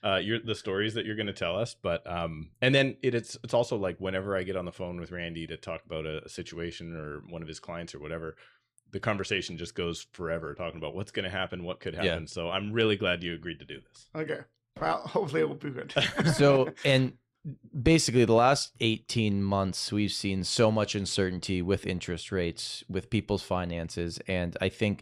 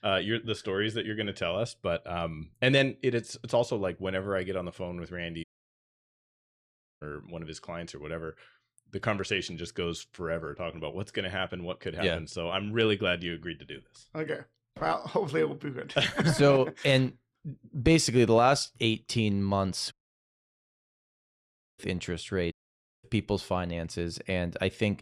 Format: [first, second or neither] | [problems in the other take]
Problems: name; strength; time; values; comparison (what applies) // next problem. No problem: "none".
first | audio cutting out; at 5.5 s for 1.5 s, at 20 s for 2 s and at 23 s for 0.5 s